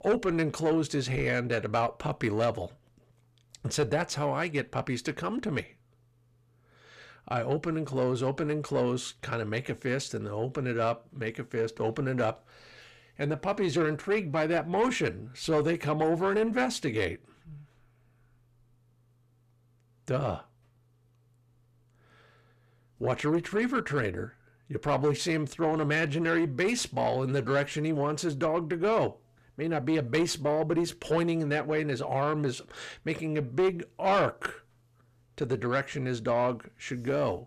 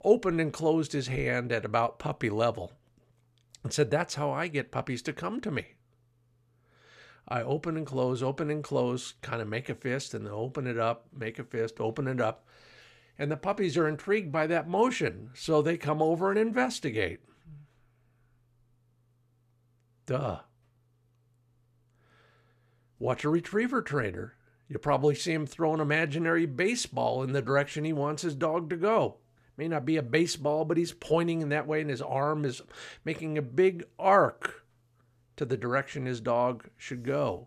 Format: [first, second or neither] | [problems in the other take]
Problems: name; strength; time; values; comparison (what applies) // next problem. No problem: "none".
second | distortion; slight; 10 dB below the speech